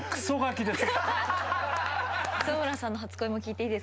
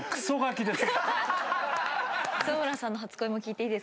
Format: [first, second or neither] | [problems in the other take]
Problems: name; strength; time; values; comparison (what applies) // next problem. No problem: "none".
second | background sound (Domestic sounds, home sounds); 15 dB below the speech